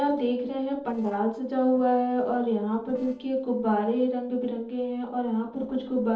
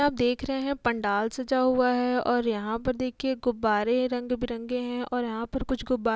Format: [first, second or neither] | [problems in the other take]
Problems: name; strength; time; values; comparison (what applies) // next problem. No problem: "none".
second | noise reduction (neural separator model SepFormer DNS4)